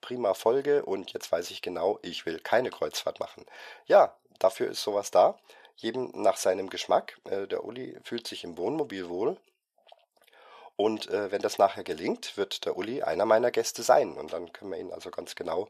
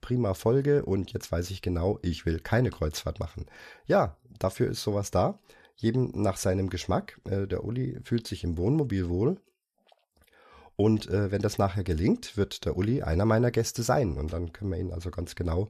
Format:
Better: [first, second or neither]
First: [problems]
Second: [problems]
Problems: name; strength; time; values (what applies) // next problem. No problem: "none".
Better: second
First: thin; very; fading below 450 Hz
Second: none